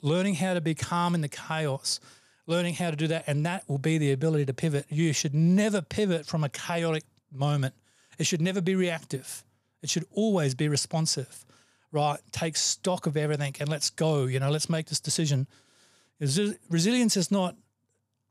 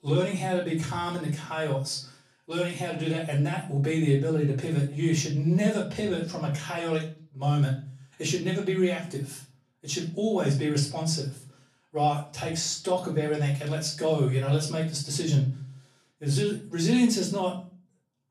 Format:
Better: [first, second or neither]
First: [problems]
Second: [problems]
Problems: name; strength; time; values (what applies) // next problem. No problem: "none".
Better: first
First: none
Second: off-mic speech; far // room echo; slight; dies away in 0.4 s